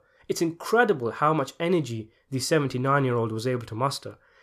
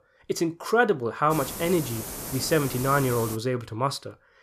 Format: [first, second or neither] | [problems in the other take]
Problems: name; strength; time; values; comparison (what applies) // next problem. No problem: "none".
first | hiss; loud; from 1.5 to 3.5 s; 8 dB below the speech